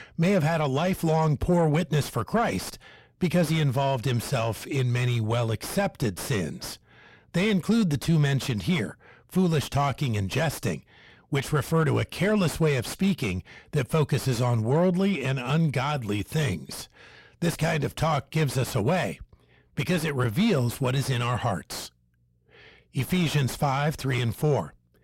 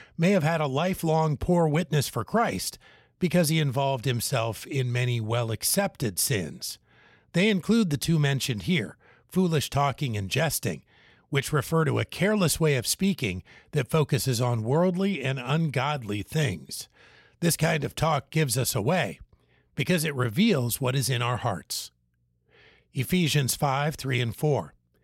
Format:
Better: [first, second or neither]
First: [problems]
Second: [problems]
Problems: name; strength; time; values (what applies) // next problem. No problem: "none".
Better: second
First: distortion; slight; 10 dB below the speech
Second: none